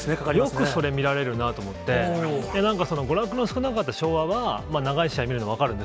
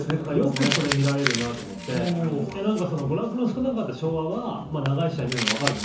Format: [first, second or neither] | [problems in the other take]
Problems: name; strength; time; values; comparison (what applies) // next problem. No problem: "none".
first | background sound (Crumpling, crinkling); 8 dB below the speech // room echo; dies away in 0.9 s